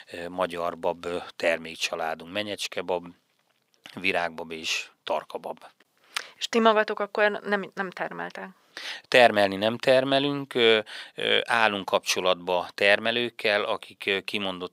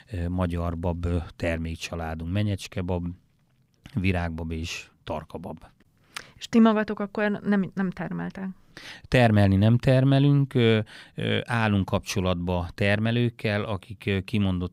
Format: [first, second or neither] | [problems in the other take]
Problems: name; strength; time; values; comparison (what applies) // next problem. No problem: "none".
second | thin; very; fading below 550 Hz